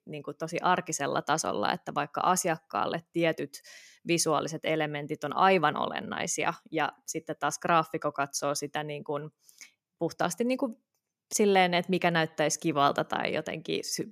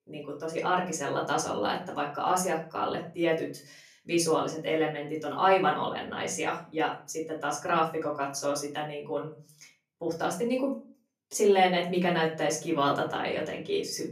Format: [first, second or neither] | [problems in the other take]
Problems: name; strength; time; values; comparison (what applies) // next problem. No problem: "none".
first | off-mic speech; far // room echo; slight; dies away in 0.3 s